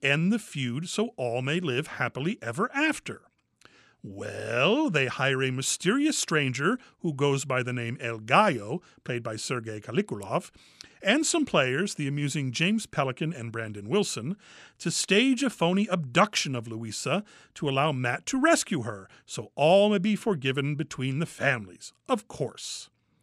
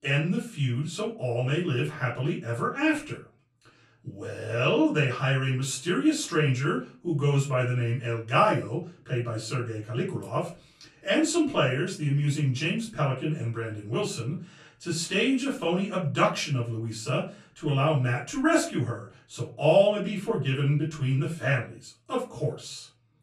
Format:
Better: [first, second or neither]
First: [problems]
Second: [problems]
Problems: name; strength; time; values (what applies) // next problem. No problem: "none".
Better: first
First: none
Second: off-mic speech; far // room echo; slight; dies away in 0.3 s